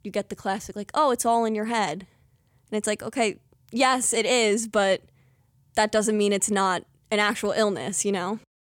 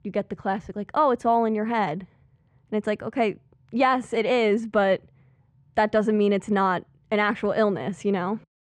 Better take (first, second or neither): first